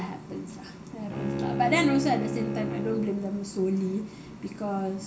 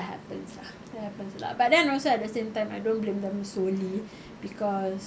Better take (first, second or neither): second